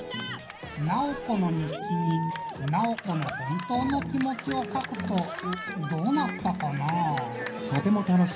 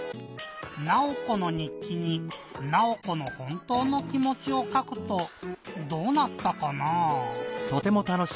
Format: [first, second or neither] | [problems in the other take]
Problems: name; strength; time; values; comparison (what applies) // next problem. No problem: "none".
second | background sound (Cheering); 10 dB below the speech // room echo; dies away in 0.5 s